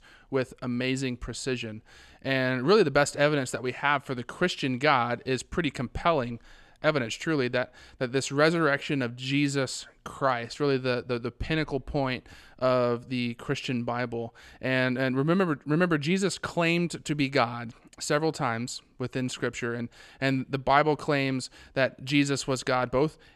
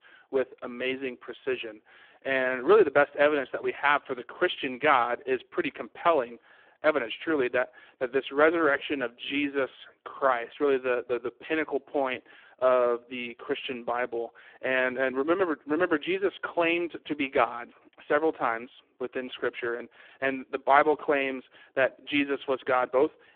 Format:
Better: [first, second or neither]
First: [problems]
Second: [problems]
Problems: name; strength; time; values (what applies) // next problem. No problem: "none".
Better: first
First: none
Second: phone-call audio; poor line